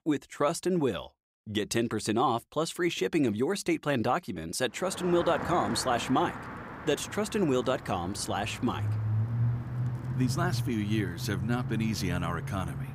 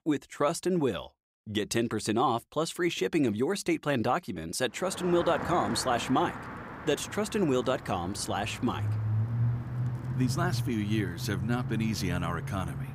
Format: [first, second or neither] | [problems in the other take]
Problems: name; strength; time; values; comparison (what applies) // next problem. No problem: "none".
neither | traffic noise; loud; from 5 s on; 5 dB below the speech; the same in both